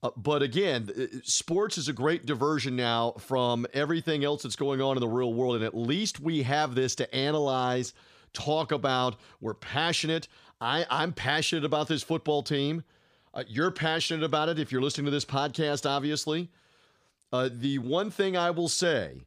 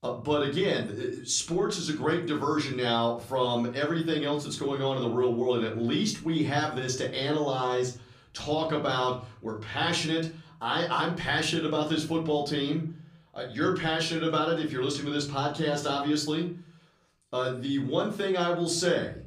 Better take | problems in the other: first | room echo; slight; dies away in 0.4 s // off-mic speech; far

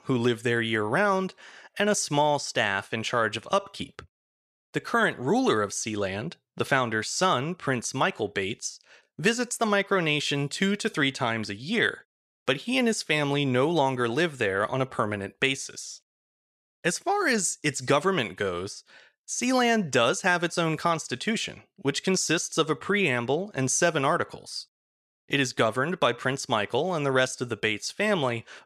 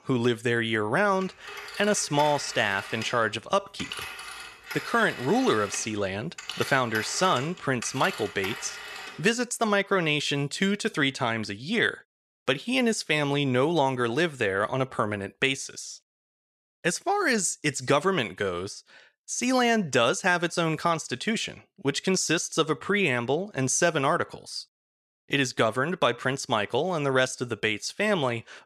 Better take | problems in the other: first | phone ringing; noticeable; from 1 to 9 s; peak 8 dB below the speech

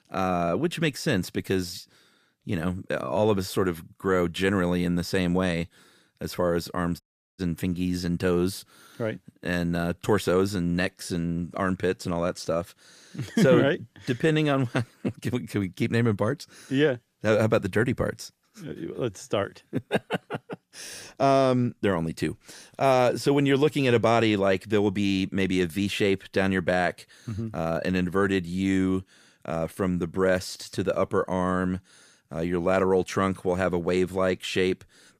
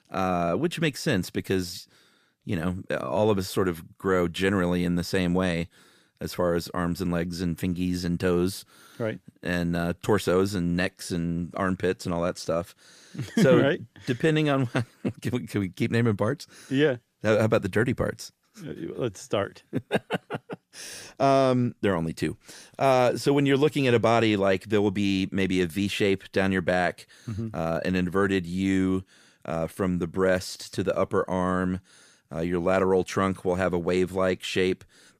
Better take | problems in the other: second | audio cutting out; at 7 s

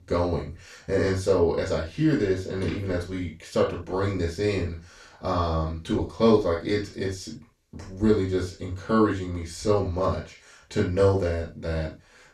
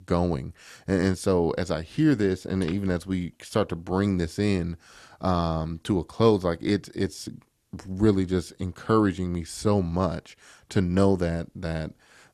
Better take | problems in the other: second | room echo; noticeable; dies away in 0.2 s // off-mic speech; far

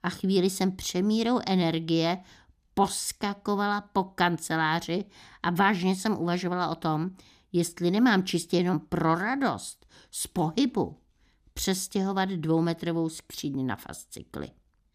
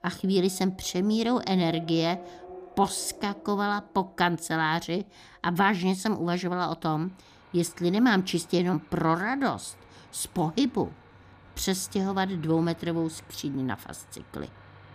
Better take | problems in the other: first | traffic noise; faint; throughout; 20 dB below the speech

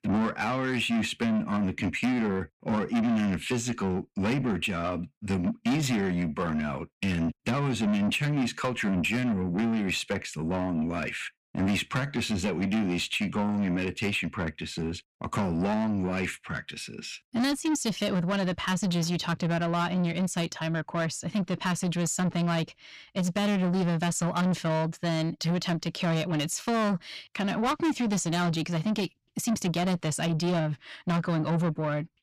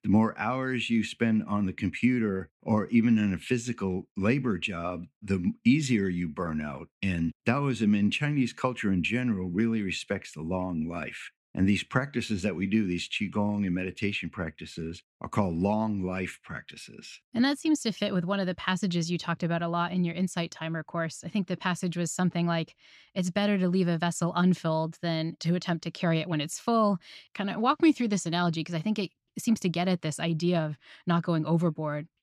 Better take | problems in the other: second | distortion; heavy; 8 dB below the speech

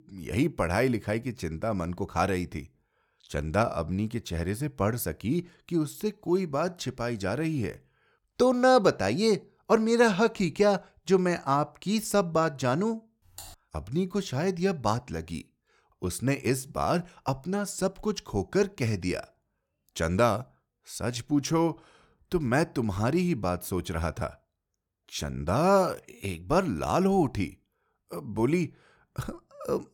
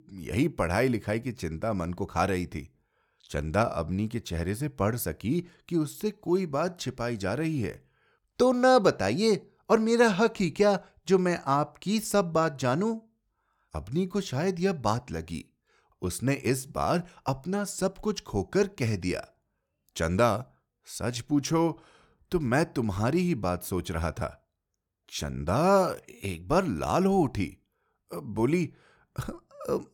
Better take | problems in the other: second | keyboard typing; faint; at 13 s; peak 15 dB below the speech

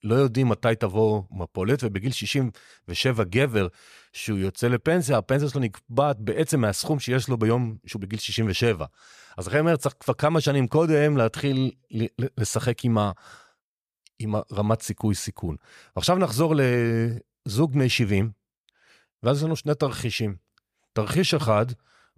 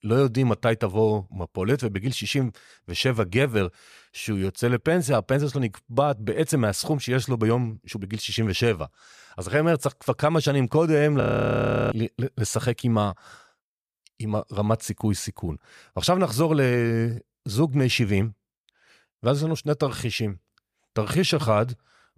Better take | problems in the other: first | audio freezing; at 11 s for 0.5 s

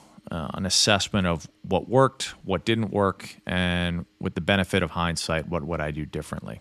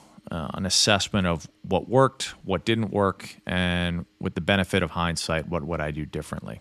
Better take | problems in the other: neither | none

